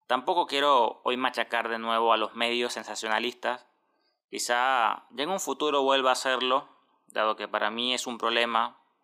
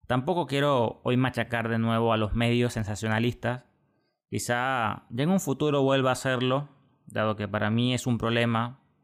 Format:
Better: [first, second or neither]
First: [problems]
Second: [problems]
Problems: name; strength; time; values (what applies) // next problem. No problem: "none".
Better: second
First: thin; somewhat; fading below 300 Hz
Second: none